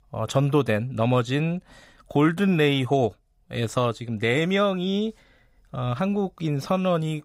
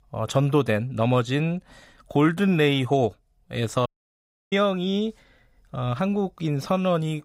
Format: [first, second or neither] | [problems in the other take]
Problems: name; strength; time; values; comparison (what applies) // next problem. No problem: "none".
first | audio cutting out; at 4 s for 0.5 s